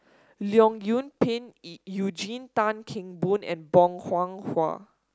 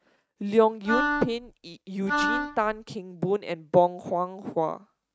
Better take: first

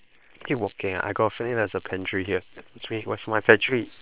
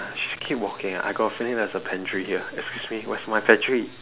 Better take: second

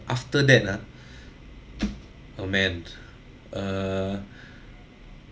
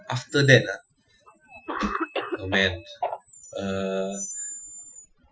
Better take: first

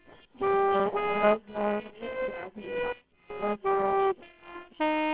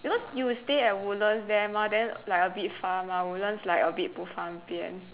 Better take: second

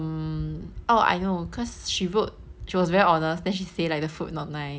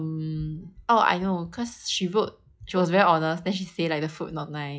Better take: first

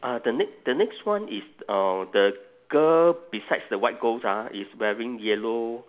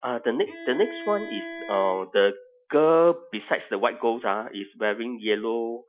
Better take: first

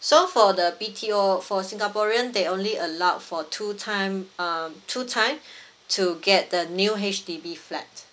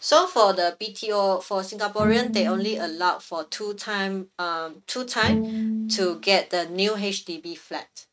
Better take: first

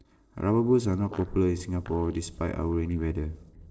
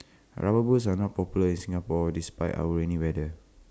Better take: second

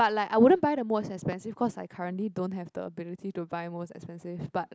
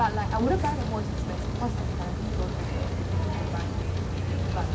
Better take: first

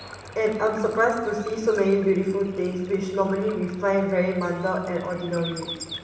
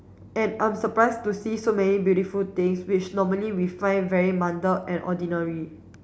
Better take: second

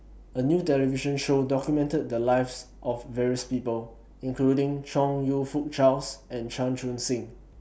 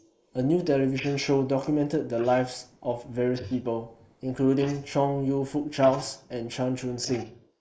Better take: first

